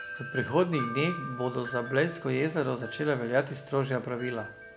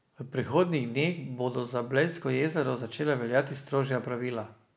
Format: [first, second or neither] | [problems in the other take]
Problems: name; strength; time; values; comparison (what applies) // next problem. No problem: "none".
second | background sound (Wind chime); 11 dB below the speech